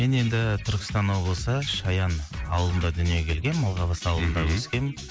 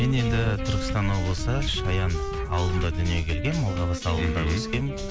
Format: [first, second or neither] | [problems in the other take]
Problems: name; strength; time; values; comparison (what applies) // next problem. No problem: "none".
first | background sound (Wind + Wind instrument, woodwind instrument); 4 dB below the speech